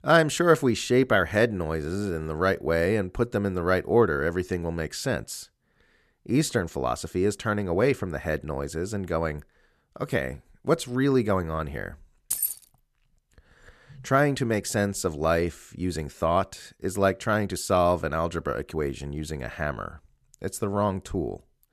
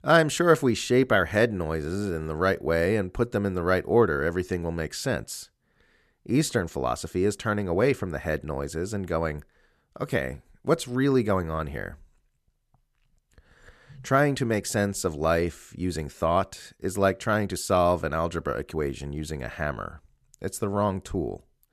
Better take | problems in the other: second | jangling keys; noticeable; at 12 s; peak level with the speech

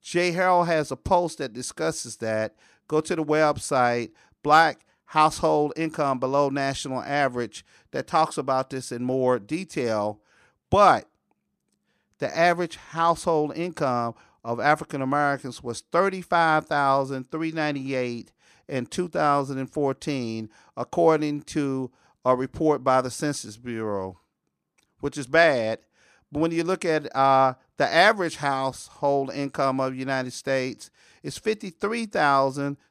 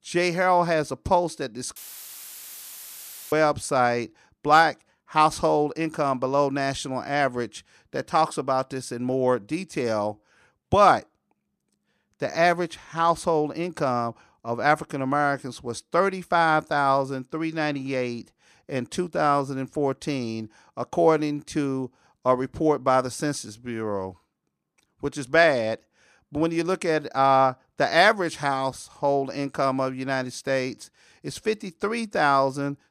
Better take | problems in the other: first | audio cutting out; filled with static; at 2 s for 1.5 s

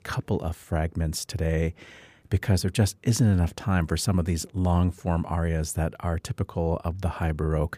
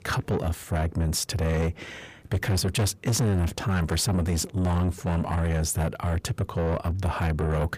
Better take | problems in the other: first | distortion; heavy; 6 dB below the speech

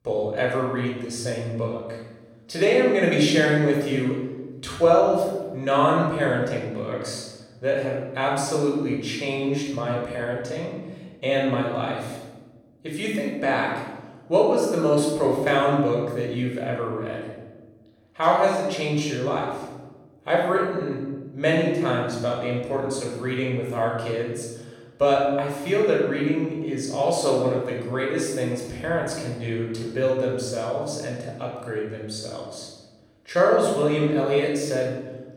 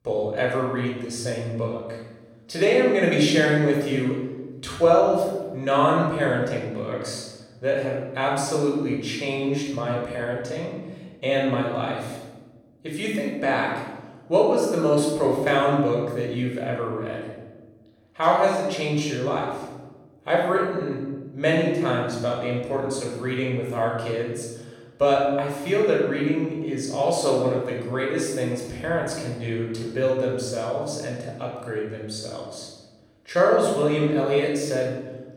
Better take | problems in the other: neither | room echo; noticeable; dies away in 1.1 s; the same in both // off-mic speech; far; the same in both

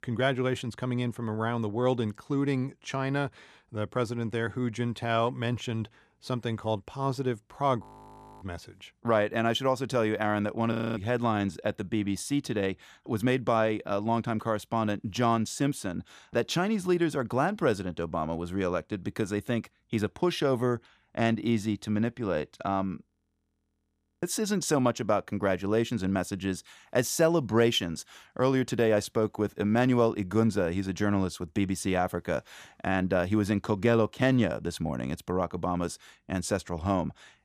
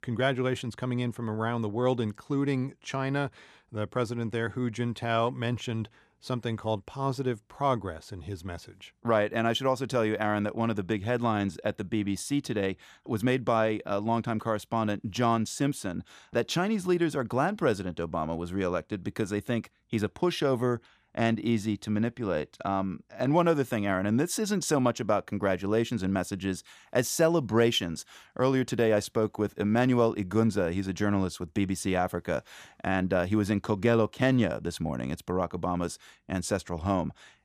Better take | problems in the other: second | audio freezing; at 8 s for 0.5 s, at 11 s and at 23 s for 1 s

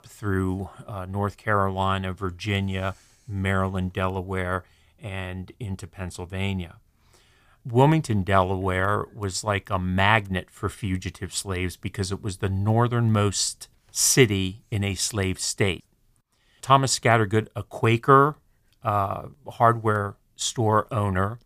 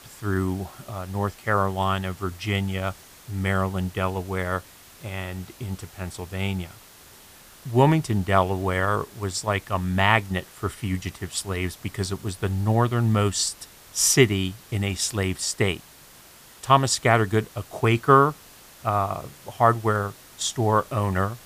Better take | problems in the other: first | hiss; faint; throughout; 25 dB below the speech

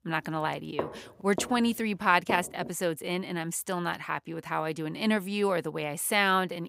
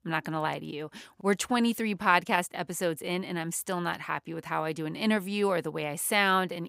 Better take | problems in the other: second | footsteps; noticeable; from 1 to 2.5 s; peak 8 dB below the speech

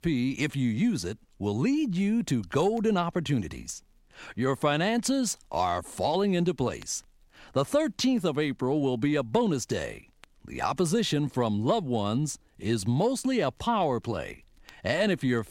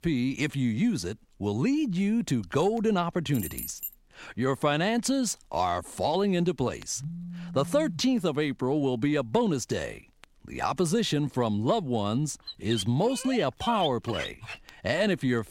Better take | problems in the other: first | jangling keys; noticeable; at 3.5 s; peak 8 dB below the speech // phone ringing; faint; from 7 to 8 s; peak 10 dB below the speech // dog barking; noticeable; from 12 to 15 s; peak 7 dB below the speech

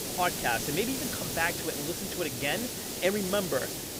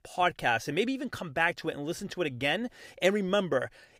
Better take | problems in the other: second | hiss; loud; throughout; 1 dB below the speech

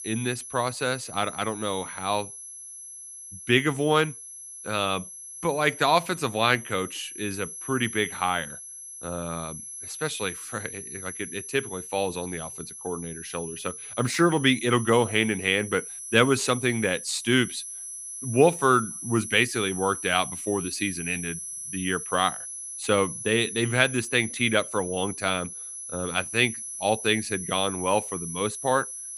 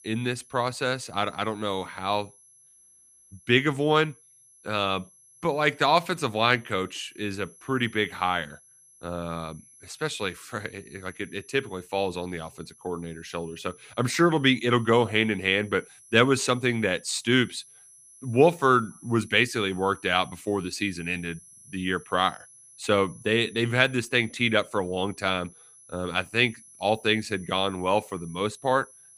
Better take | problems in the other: second | high-pitched whine; loud; throughout; 11 kHz, 9 dB below the speech; faint in the second

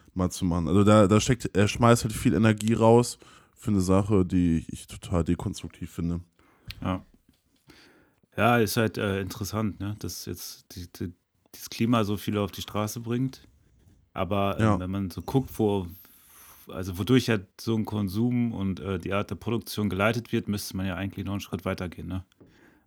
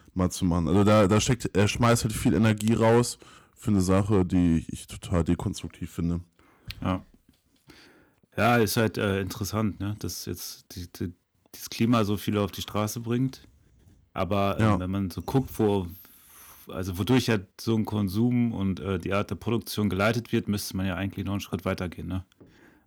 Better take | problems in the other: first | distortion; slight; 3% of the sound clipped

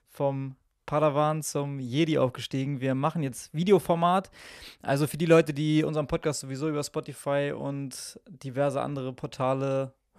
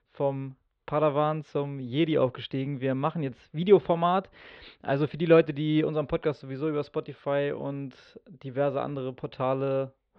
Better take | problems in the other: first | muffled; very; fading above 4 kHz

